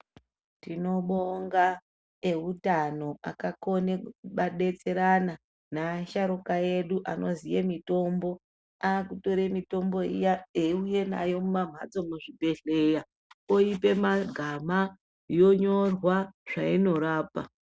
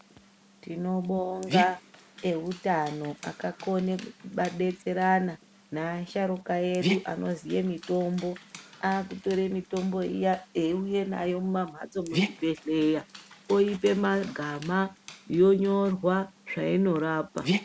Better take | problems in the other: first | background sound (Dog); 10 dB below the speech

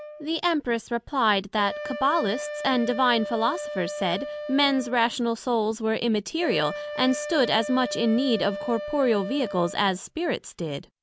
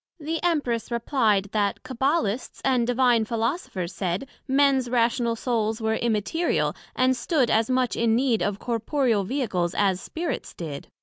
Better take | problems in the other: second | background sound (Wind instrument, woodwind instrument); 10 dB below the speech

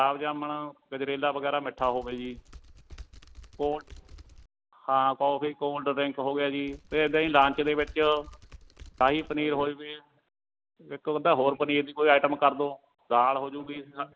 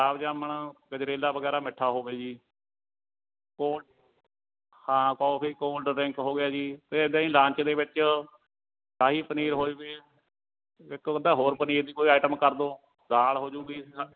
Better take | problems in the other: second | background sound (Typing); 20 dB below the speech

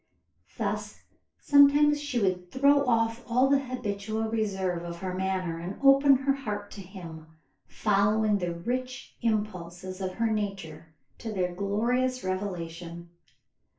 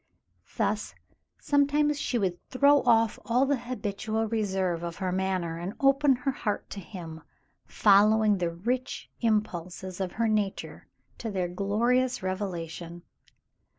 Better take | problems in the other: second | room echo; dies away in 0.3 s

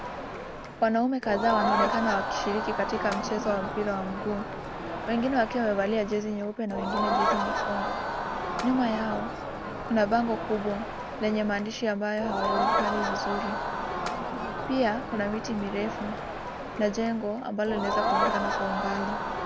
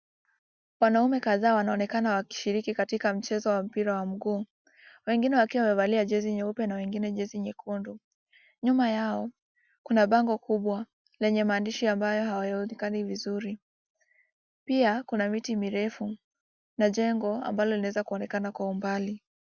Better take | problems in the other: second | background sound (Crowd); 1 dB below the speech

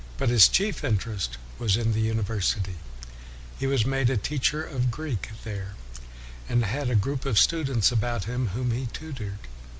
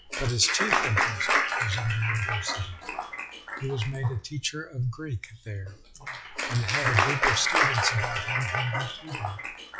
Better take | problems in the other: first | noise reduction (classical method log-MMSE)

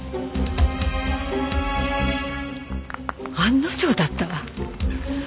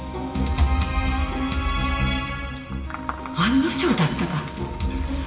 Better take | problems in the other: first | background sound (Wind instrument, woodwind instrument); 18 dB below the speech // room echo; dies away in 2.1 s

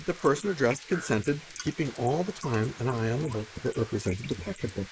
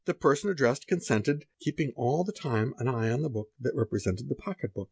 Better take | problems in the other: second | noise reduction (neural mask model Resemble Enhance denoiser)

